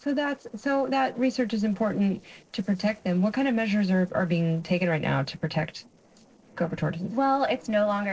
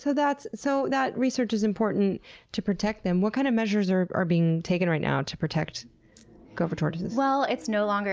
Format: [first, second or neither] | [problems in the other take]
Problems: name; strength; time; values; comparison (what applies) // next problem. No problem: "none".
second | noise reduction (neural separator model SepFormer DNS4)